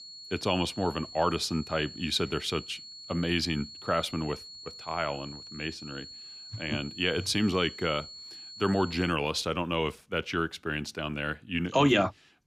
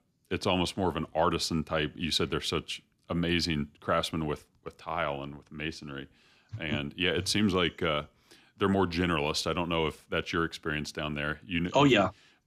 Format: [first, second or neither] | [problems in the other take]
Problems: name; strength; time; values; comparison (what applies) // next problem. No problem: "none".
second | high-pitched whine; noticeable; until 9 s; 4.5 kHz, 15 dB below the speech